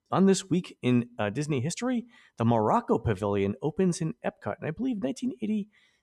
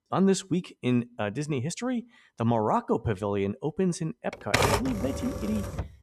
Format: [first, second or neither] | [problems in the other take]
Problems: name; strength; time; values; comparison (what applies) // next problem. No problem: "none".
first | keyboard typing; loud; from 4.5 s on; peak 5 dB above the speech